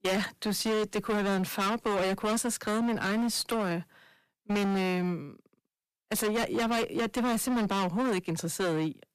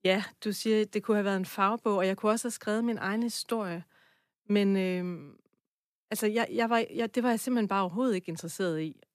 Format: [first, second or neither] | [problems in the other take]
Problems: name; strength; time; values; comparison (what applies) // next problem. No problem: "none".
second | distortion; heavy; 26% of the sound clipped